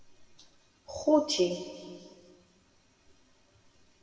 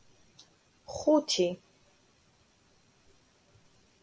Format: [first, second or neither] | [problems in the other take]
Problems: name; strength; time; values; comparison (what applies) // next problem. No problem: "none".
second | room echo; dies away in 1.8 s